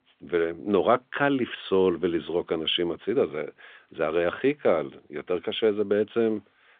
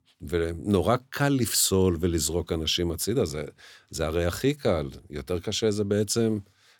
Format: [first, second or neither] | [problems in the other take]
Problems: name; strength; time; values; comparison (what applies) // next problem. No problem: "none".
second | phone-call audio; nothing above 3.5 kHz